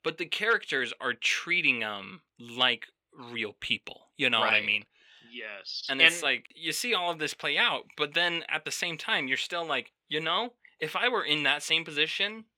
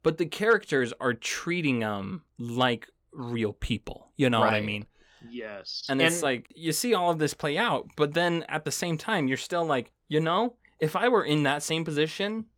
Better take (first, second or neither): second